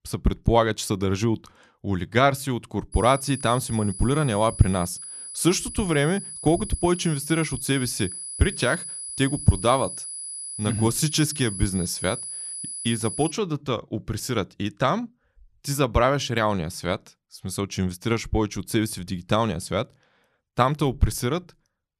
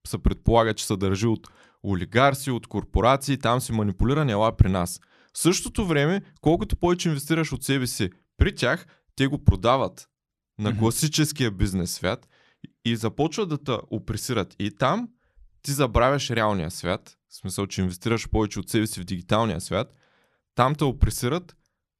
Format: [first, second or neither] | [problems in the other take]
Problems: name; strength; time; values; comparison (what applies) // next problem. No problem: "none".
second | high-pitched whine; loud; from 3 to 13 s; 10 kHz, 8 dB below the speech